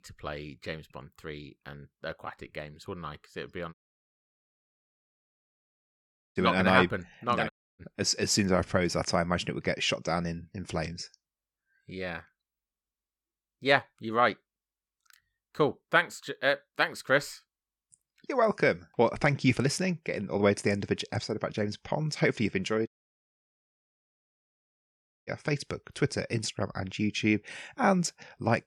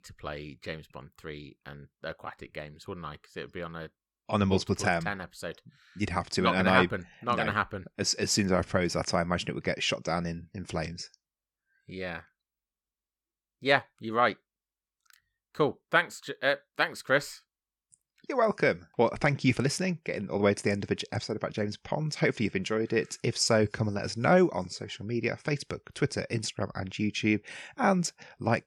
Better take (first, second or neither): second